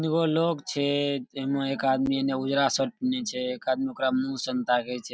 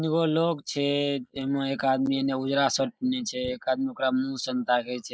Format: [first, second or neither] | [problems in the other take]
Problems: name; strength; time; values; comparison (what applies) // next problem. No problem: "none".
first | noise reduction (neural mask model Resemble Enhance denoiser)